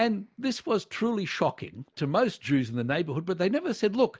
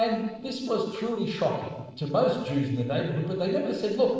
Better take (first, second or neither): first